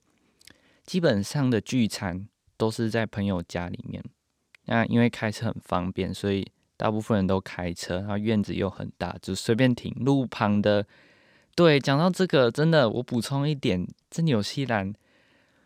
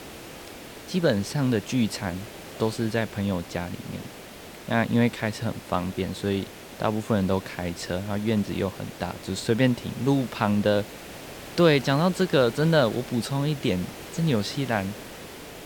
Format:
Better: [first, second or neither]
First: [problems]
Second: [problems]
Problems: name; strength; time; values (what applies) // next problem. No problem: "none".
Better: first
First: none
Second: hiss; noticeable; throughout; 15 dB below the speech